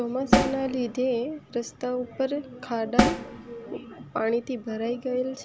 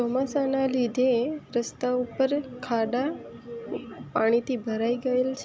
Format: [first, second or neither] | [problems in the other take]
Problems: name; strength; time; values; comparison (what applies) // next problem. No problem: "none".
second | background sound (Snare drum); as loud as the speech